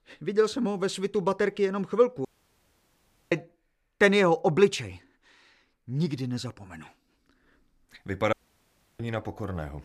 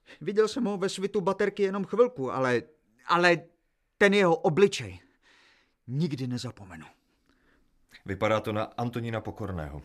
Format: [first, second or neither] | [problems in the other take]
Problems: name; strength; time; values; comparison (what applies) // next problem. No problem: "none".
second | audio cutting out; at 2.5 s for 1 s and at 8.5 s for 0.5 s